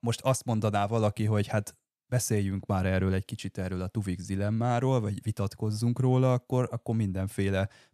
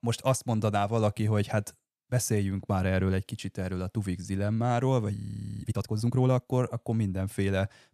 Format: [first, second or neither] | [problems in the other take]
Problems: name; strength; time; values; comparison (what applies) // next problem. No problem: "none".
first | audio freezing; at 5 s